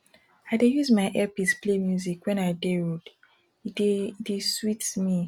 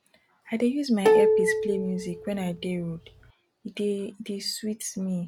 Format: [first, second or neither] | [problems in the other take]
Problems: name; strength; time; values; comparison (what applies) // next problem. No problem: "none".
first | background sound (Plucked string instrument); 5 dB above the speech